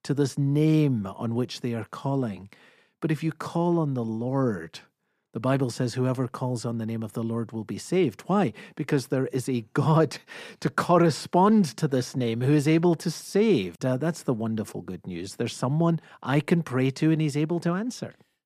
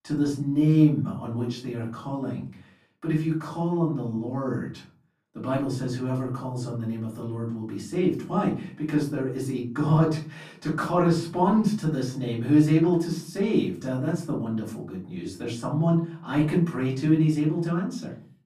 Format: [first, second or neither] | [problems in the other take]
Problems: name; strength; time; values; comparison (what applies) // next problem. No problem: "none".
first | room echo; slight; dies away in 0.4 s // off-mic speech; far